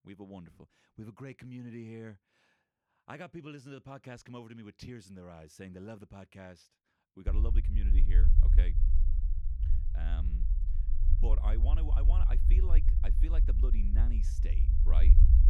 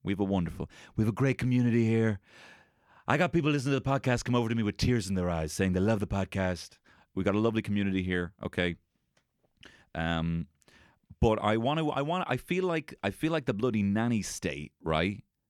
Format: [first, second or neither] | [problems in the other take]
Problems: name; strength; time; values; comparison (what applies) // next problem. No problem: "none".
second | low rumble; loud; from 7.5 s on; 3 dB below the speech